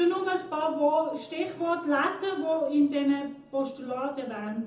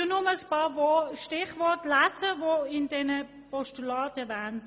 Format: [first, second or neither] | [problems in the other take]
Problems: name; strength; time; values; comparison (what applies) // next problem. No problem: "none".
second | room echo; dies away in 0.6 s